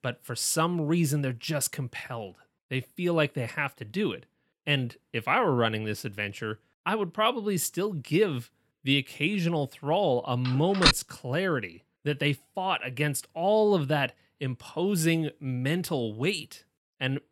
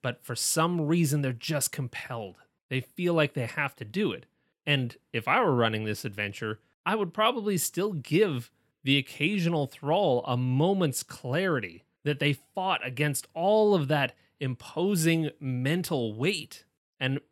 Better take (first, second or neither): second